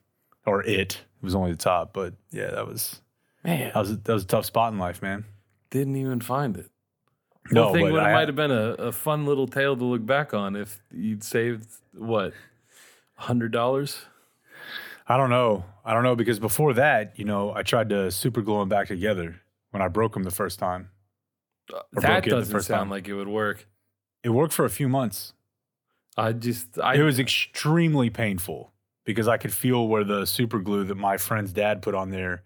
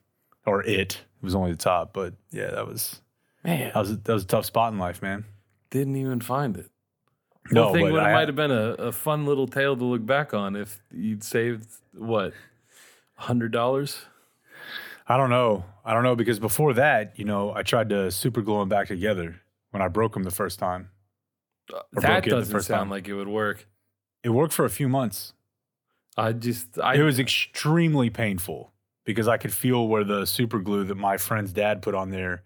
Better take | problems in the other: neither | none

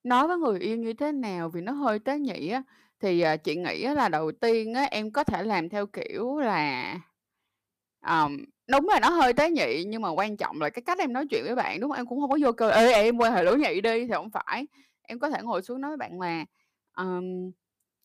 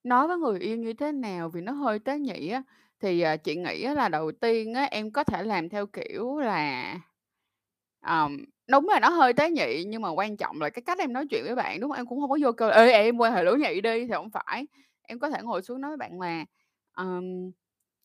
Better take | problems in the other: second | distortion; slight; 2% of the sound clipped

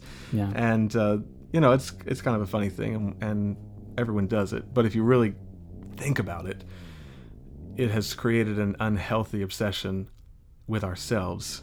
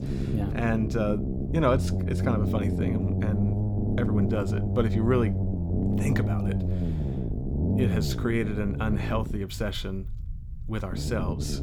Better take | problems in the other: first | low rumble; loud; throughout; 5 dB below the speech; faint in the first

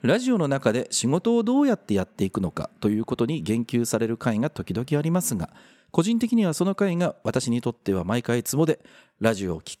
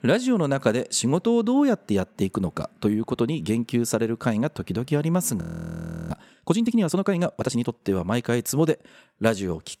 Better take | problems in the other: first | audio freezing; at 5.5 s for 0.5 s

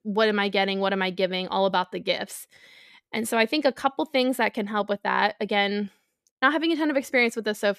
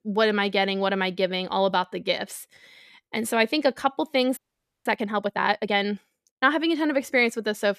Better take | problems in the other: first | audio freezing; at 4.5 s

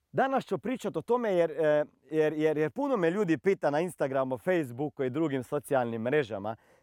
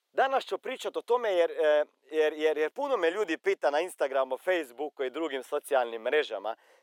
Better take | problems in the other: first | thin; very; fading below 400 Hz

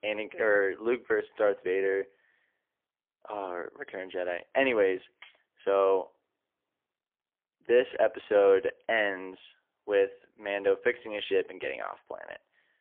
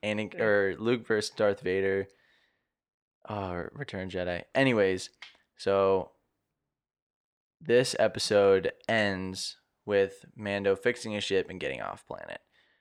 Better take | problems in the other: second | phone-call audio; poor line; nothing above 3 kHz

